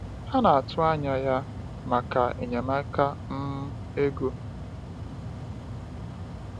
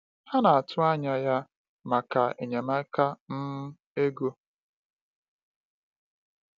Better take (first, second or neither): second